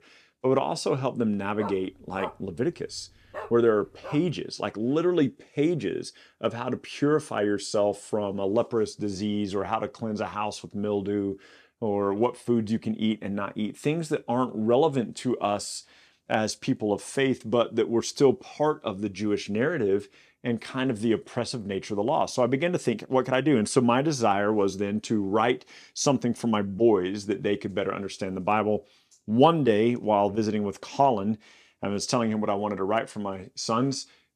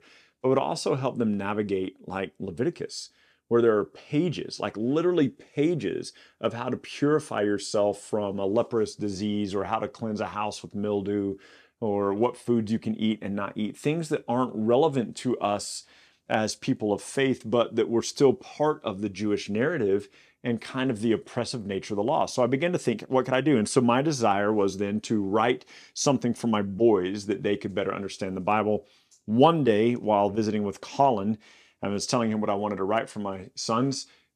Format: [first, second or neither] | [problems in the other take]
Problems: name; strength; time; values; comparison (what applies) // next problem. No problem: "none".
second | dog barking; faint; from 1.5 to 4 s; peak 10 dB below the speech